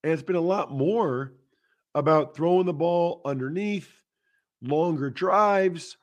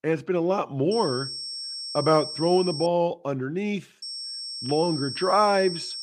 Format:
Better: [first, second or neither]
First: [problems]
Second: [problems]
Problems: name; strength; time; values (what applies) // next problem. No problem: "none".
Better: first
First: none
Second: high-pitched whine; loud; from 1 to 3 s and from 4 s on; 5.5 kHz, 7 dB below the speech